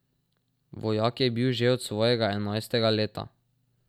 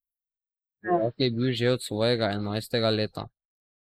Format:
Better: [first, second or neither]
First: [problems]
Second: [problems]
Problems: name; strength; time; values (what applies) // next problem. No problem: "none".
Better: first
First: none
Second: noise reduction (neural mask model Resemble Enhance denoiser)